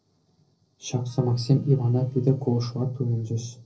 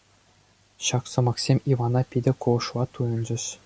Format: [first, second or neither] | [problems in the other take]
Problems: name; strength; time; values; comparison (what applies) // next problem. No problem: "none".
second | noise reduction (neural separator model SepFormer DNS4)